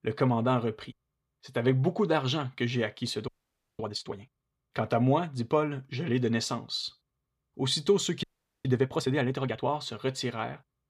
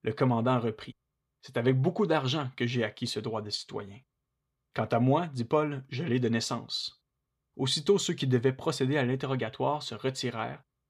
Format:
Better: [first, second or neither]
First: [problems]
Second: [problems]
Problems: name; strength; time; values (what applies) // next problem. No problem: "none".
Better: second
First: audio freezing; at 3.5 s for 0.5 s and at 8 s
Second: none